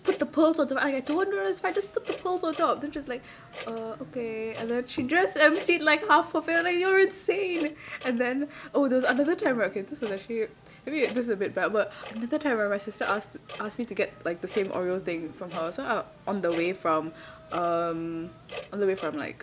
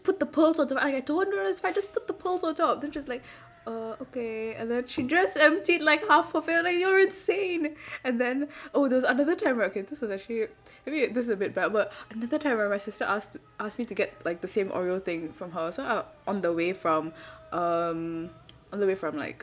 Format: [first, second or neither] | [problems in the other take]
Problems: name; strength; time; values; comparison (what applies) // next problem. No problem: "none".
second | background sound (Clock); 18 dB below the speech